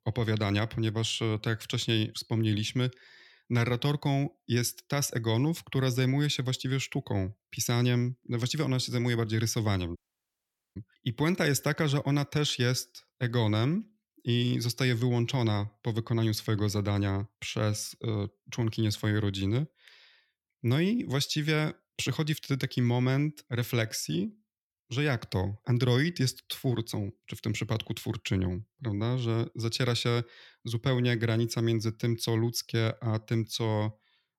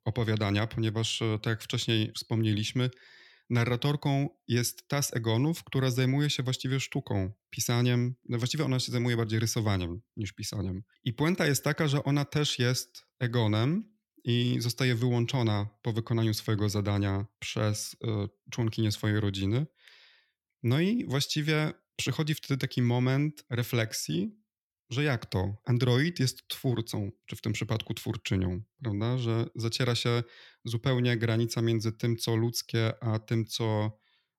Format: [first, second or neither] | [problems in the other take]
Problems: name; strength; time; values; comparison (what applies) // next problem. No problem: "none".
second | audio cutting out; at 10 s for 1 s